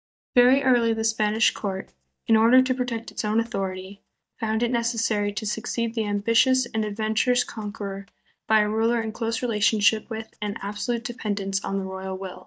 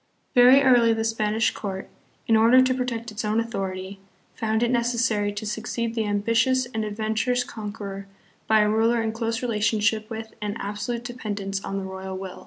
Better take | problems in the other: second | noise reduction (neural mask model DeepFilterNet 3)

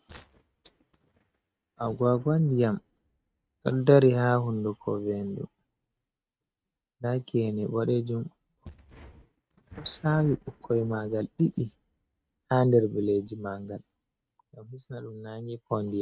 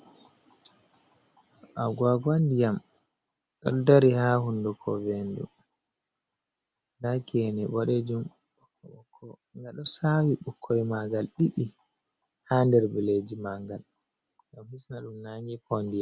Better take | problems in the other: second | noise reduction (neural mask model RNNoise)

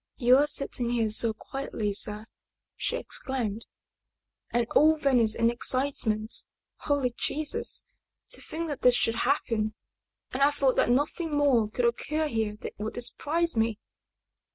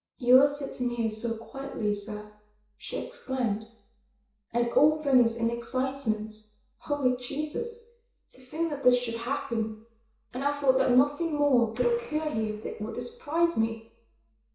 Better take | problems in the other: first | background sound (Gunshot, gunfire); 18 dB below the speech // room echo; dies away in 0.6 s

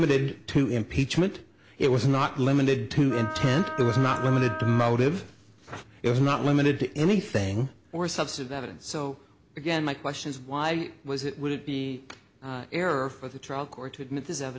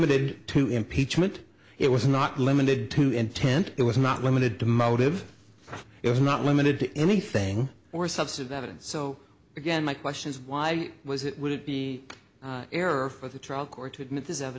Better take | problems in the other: second | background sound (Wind instrument, woodwind instrument); 8 dB below the speech

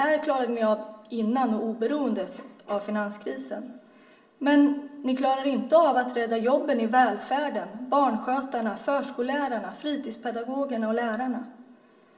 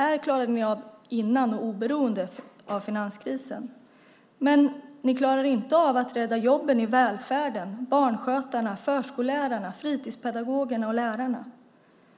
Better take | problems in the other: second | room echo; dies away in 0.6 s

